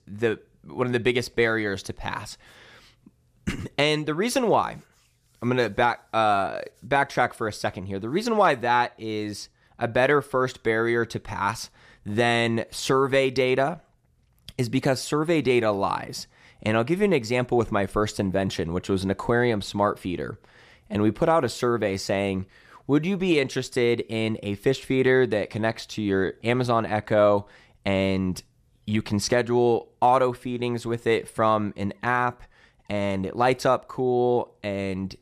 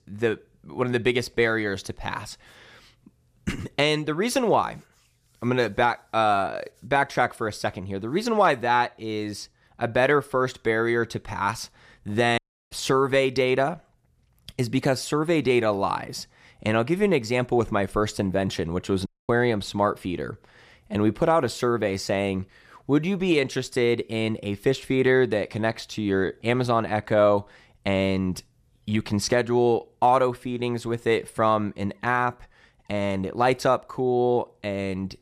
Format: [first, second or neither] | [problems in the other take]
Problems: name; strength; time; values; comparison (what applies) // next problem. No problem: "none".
first | audio cutting out; at 12 s and at 19 s